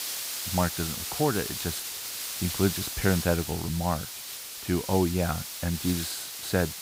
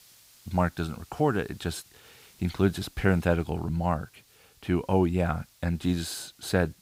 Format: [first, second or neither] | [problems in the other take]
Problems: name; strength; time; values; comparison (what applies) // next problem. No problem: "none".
second | hiss; loud; throughout; 4 dB below the speech; faint in the second